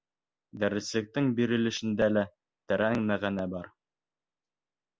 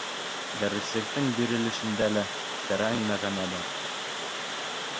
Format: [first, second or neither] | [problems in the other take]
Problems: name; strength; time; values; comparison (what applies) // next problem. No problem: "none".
first | background sound (Water); 2 dB below the speech